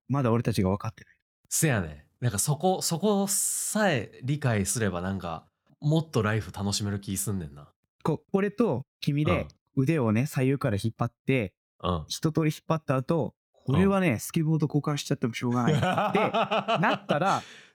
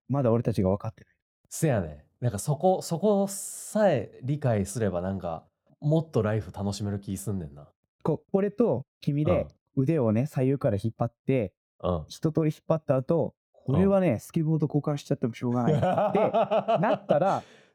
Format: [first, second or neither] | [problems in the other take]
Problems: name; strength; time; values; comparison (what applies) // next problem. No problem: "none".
first | muffled; slightly; fading above 1 kHz